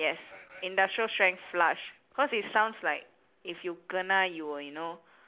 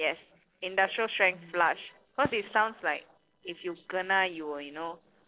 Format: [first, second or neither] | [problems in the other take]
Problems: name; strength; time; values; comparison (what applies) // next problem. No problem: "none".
first | noise reduction (neural separator model SepFormer DNS4)